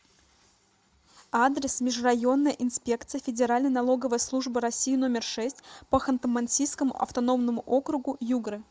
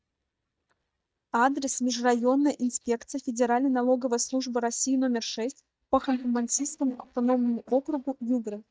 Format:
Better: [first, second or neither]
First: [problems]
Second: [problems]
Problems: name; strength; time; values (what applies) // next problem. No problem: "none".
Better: first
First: none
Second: noise reduction (neural mask model DeepFilterNet 3)